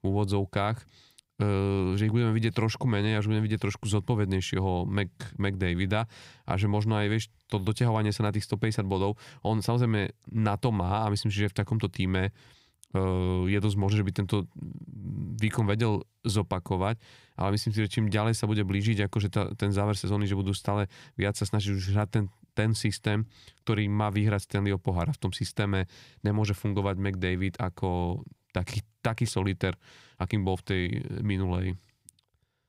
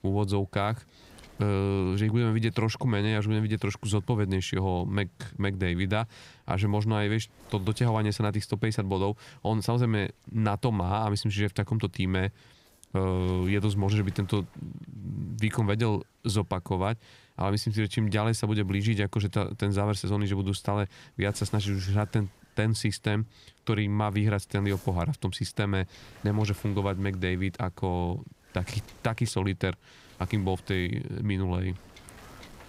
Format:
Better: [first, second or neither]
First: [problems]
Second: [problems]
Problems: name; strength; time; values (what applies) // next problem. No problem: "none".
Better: first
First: none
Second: wind noise on the microphone; occasional gusts; 25 dB below the speech